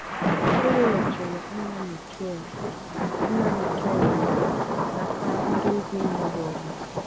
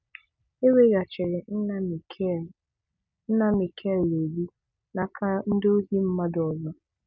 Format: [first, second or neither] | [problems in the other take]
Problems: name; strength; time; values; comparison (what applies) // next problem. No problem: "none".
second | background sound (Thunder / Rain); 4 dB above the speech